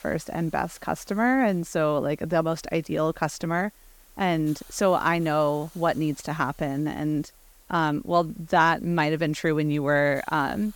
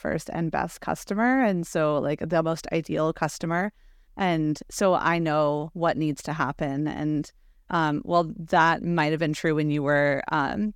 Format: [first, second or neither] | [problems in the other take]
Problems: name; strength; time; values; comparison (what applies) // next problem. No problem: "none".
second | hiss; faint; throughout; 25 dB below the speech